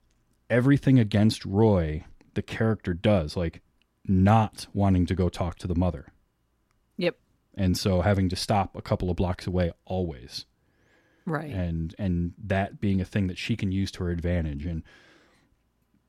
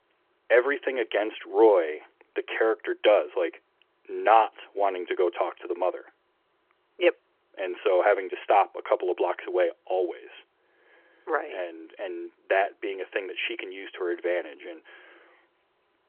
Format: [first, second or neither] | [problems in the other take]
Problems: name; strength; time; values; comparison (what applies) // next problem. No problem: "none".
first | phone-call audio; nothing above 3 kHz